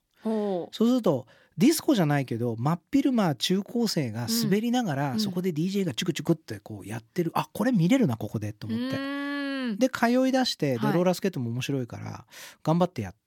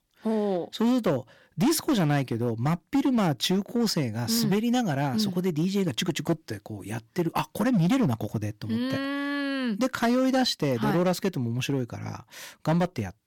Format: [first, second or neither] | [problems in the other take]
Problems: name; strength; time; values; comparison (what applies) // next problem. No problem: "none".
first | distortion; slight; 8% of the sound clipped